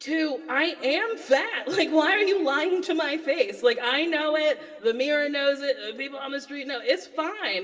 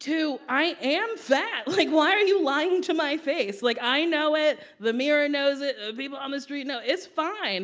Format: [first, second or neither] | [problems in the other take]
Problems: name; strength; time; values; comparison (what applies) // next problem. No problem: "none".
second | room echo; dies away in 2.9 s